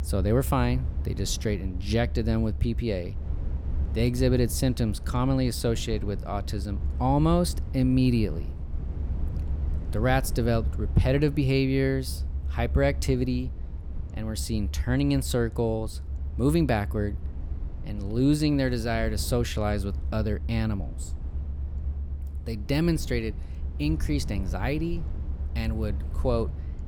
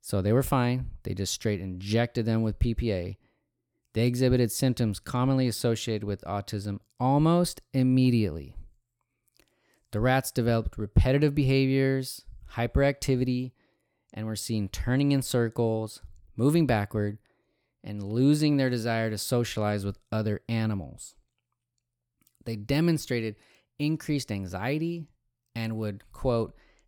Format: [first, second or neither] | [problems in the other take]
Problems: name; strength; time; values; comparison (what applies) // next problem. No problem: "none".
second | low rumble; noticeable; throughout; 20 dB below the speech